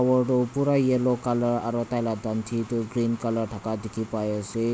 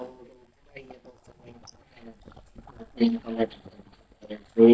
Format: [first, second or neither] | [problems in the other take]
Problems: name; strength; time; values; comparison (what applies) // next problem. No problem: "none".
first | noise reduction (neural mask model DeepFilterNet 3)